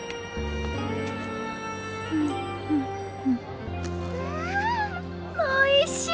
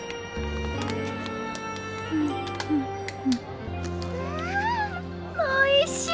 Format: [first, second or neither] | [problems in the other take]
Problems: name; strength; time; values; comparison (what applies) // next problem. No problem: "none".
first | background sound (Crumpling, crinkling); 19 dB below the speech